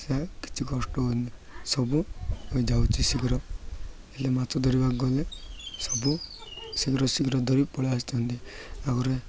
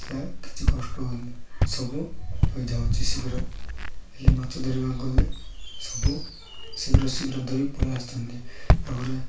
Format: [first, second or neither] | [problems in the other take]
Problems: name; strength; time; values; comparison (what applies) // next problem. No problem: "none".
first | background sound (Walk, footsteps); as loud as the speech // room echo; dies away in 0.3 s